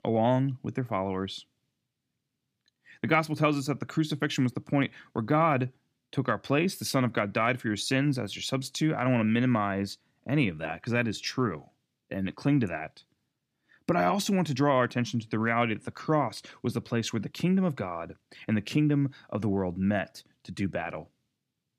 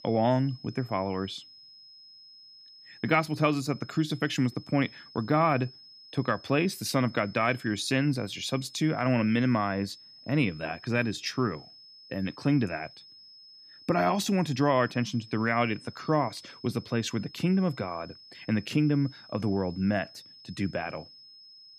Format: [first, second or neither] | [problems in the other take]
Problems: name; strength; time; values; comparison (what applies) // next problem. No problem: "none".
first | high-pitched whine; faint; throughout; 5 kHz, 20 dB below the speech